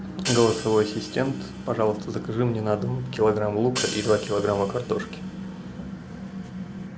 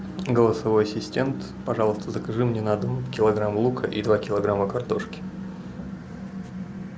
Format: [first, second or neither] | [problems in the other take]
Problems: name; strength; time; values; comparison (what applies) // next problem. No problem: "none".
second | background sound (Hi-hat); 13 dB below the speech